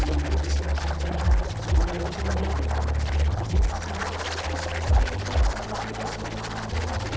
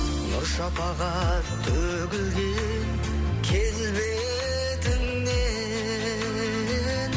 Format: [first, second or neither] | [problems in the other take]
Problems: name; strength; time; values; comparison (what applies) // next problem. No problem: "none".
second | noise reduction (neural separator model SepFormer DNS4)